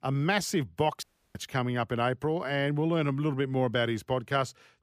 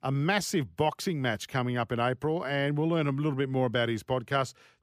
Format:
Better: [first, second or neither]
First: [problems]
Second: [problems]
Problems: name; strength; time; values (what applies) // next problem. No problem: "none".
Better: second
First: audio cutting out; at 1 s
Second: none